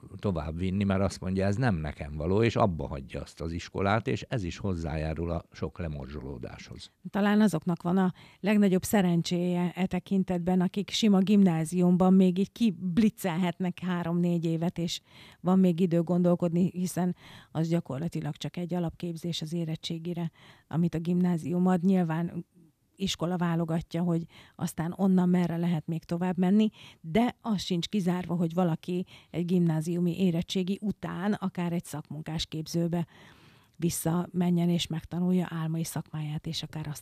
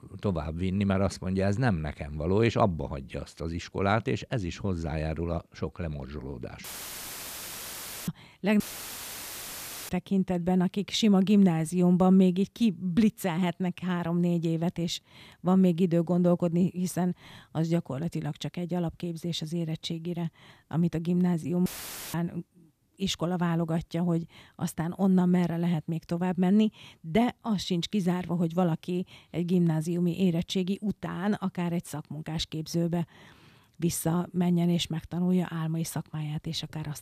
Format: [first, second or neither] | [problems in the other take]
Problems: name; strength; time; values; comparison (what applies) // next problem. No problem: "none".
first | audio cutting out; filled with static; at 6.5 s for 1.5 s, at 8.5 s for 1.5 s and at 22 s